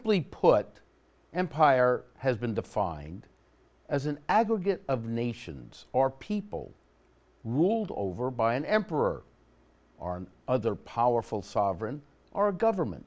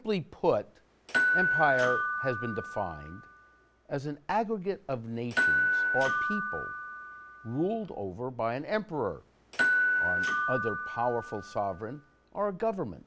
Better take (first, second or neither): first